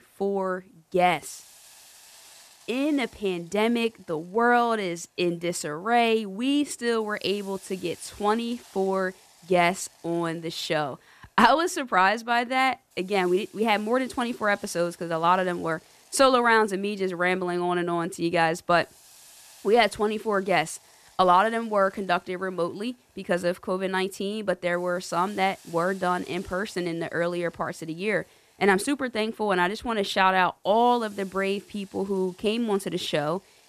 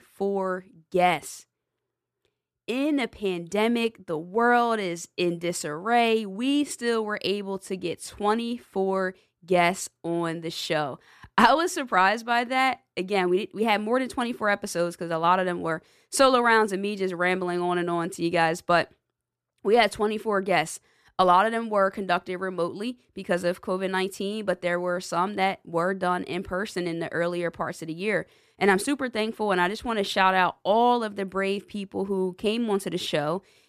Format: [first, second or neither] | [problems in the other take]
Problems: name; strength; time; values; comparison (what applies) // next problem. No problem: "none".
second | hiss; faint; throughout; 25 dB below the speech